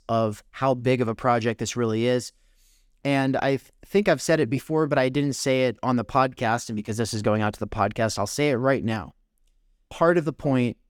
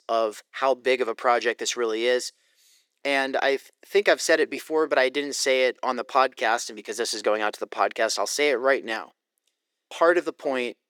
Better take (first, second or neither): first